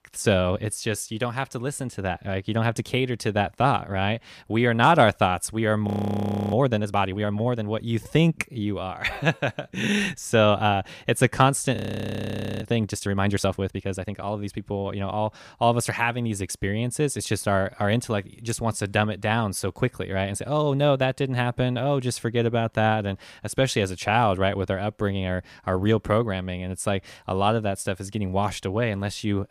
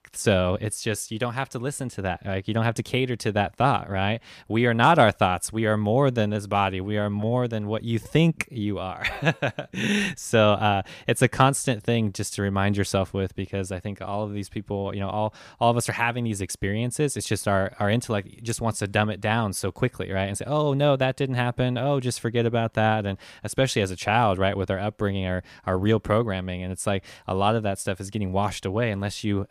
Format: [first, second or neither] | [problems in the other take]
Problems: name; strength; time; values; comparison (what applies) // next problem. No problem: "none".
second | audio freezing; at 6 s for 0.5 s and at 12 s for 1 s